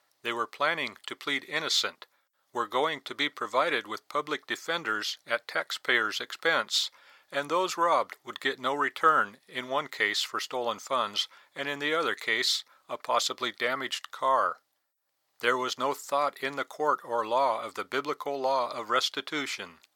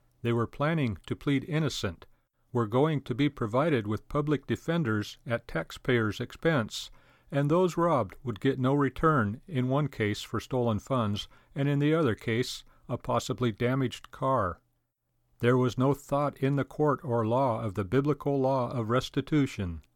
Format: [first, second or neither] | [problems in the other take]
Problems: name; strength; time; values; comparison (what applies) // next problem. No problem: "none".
second | thin; very; fading below 750 Hz